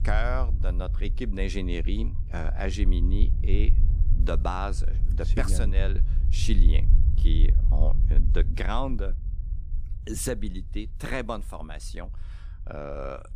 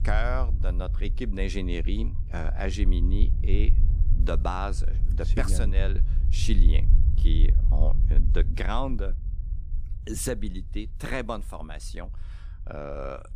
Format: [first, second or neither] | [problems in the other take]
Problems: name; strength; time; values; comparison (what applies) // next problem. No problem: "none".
neither | low rumble; noticeable; throughout; 10 dB below the speech; the same in both